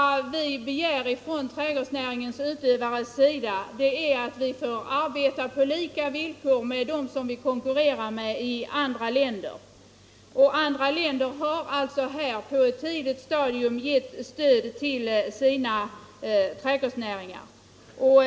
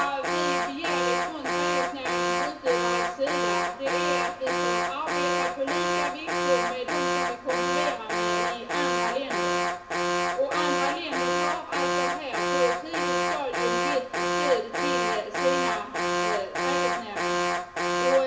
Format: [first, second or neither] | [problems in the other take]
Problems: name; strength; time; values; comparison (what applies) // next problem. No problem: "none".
first | background sound (Alarm); 5 dB above the speech // room echo; dies away in 2.5 s